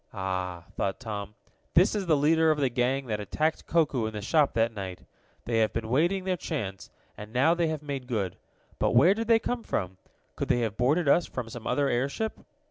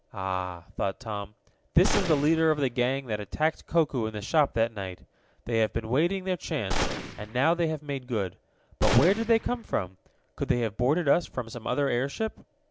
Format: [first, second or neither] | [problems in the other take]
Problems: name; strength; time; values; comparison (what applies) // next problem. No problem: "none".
first | background sound (Gunshot, gunfire); 5 dB below the speech